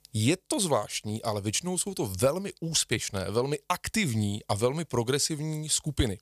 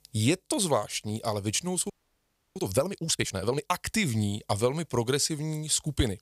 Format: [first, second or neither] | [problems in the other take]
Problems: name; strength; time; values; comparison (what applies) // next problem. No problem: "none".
first | audio freezing; at 2 s for 0.5 s